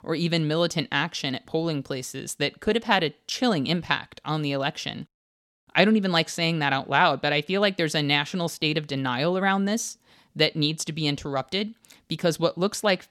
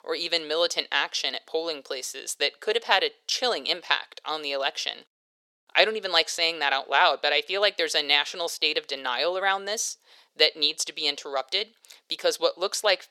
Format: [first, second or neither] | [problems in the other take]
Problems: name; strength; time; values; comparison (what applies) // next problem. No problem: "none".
first | thin; very; fading below 450 Hz